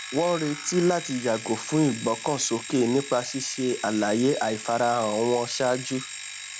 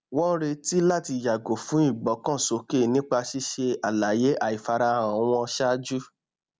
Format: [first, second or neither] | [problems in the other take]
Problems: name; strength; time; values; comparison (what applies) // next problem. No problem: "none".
second | background sound (Alarm); 11 dB below the speech